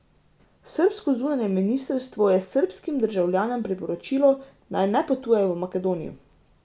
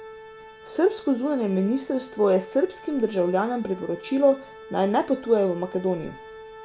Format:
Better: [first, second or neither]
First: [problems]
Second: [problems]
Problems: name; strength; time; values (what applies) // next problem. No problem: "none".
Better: first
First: none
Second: background sound (Organ); 18 dB below the speech